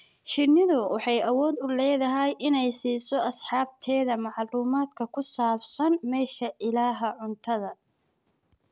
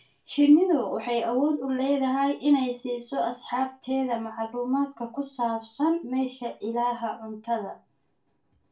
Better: first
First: none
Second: room echo; dies away in 0.2 s

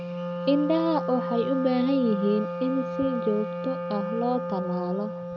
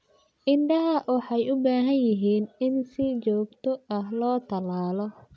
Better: second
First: background sound (Wind instrument, woodwind instrument); 5 dB below the speech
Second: none

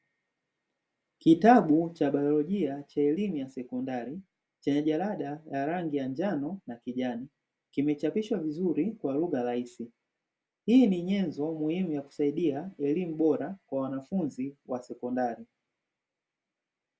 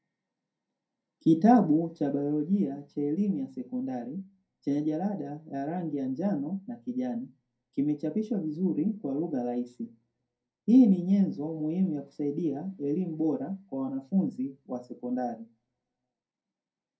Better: first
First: none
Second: room echo; dies away in 0.2 s

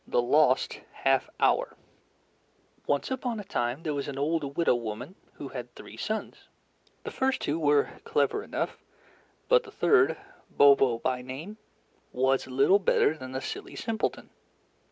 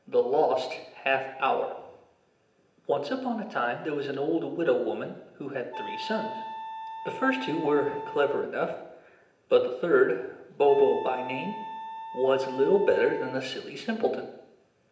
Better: first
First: none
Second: background sound (Wind instrument, woodwind instrument); 11 dB below the speech // room echo; dies away in 0.8 s

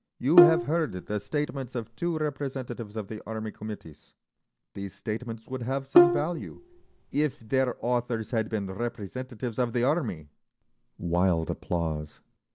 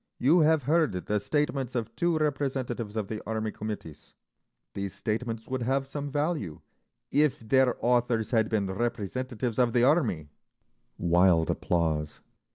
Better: second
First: background sound (Bowed string instrument); 3 dB above the speech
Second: none

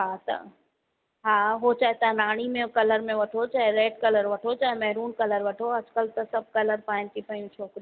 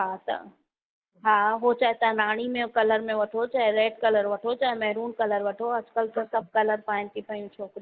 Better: first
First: none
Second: noise reduction (neural mask model Resemble Enhance denoiser)

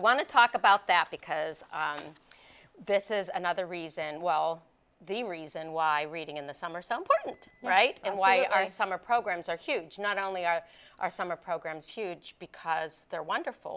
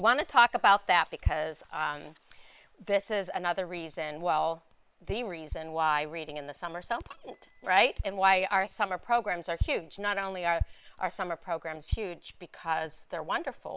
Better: first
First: none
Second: noise reduction (neural separator model SepFormer WHAM!)

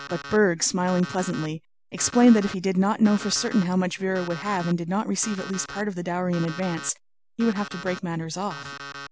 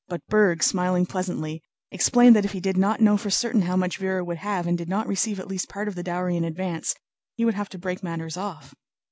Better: second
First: background sound (Alarm); 15 dB below the speech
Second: none

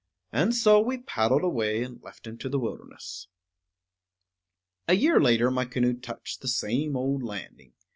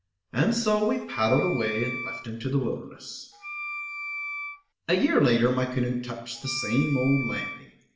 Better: first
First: none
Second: background sound (Wind instrument, woodwind instrument); 8 dB below the speech // room echo; dies away in 0.8 s

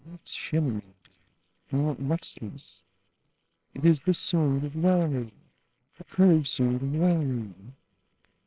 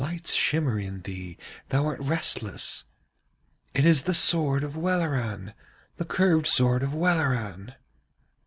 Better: second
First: noise reduction (neural separator model SepFormer WHAMR!)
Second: none

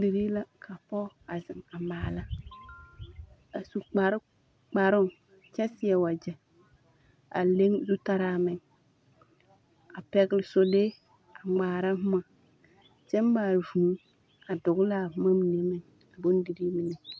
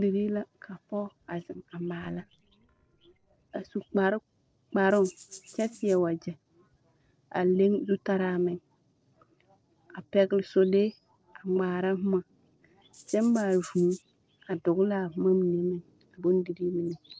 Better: first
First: none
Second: noise reduction (neural separator model SepFormer DNS4)

